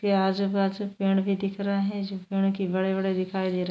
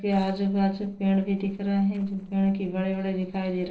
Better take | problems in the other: first | noise reduction (neural separator model SepFormer DNS4)

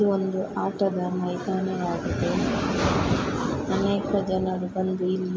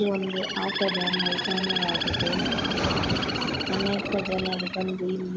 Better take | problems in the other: first | background sound (Bird); 3 dB below the speech

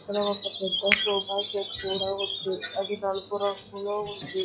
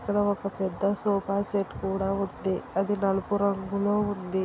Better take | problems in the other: second | noise reduction (classical method log-MMSE)

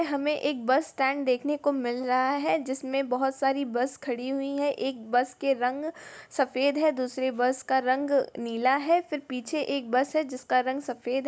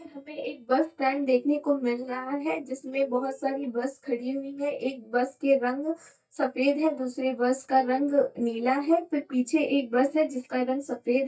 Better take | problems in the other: first | noise reduction (neural mask model DeepFilterNet 3)

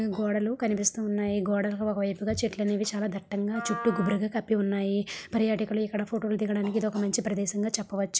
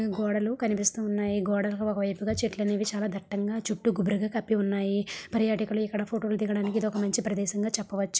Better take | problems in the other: second | background sound (Wind instrument, woodwind instrument); 12 dB below the speech

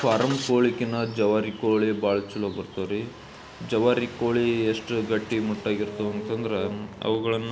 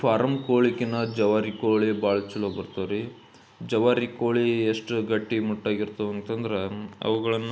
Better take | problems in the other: second | background sound (Engine starting); 14 dB below the speech

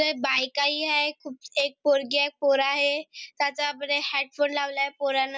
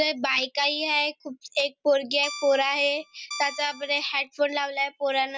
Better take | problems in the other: first | background sound (Guitar); 13 dB below the speech

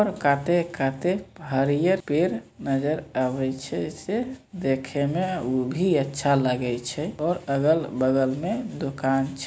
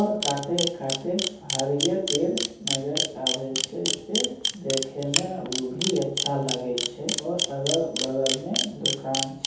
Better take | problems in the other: first | background sound (Camera); 2 dB below the speech // room echo; dies away in 0.7 s

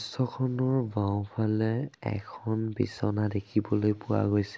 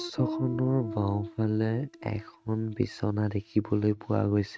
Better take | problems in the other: first | noise reduction (neural mask model RNNoise)

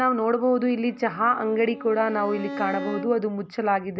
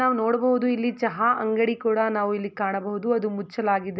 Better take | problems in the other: second | background sound (Bowed string instrument); 14 dB below the speech

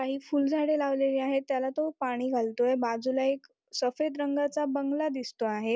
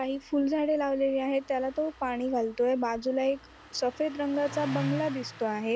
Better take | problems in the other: first | background sound (Engine starting); 14 dB below the speech

